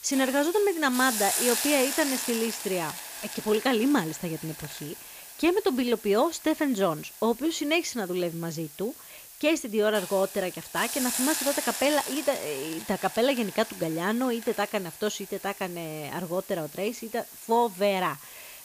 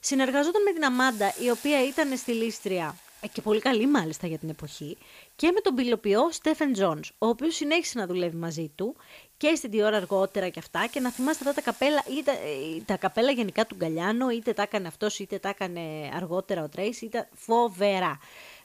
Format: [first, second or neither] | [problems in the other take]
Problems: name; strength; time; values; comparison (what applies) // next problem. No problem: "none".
second | hiss; loud; throughout; 7 dB below the speech; faint in the second